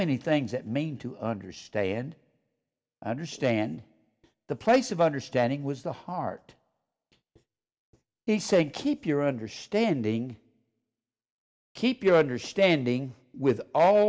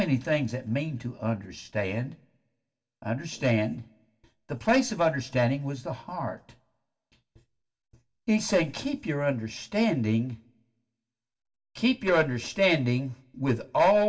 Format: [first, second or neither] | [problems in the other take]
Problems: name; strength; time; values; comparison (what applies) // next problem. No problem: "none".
first | room echo; dies away in 0.2 s